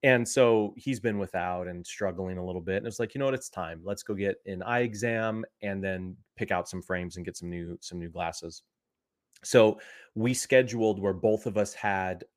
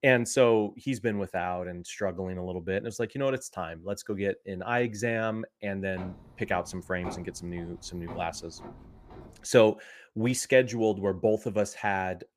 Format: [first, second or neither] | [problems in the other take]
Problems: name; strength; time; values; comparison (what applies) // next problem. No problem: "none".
first | footsteps; faint; from 6 to 9.5 s; peak 10 dB below the speech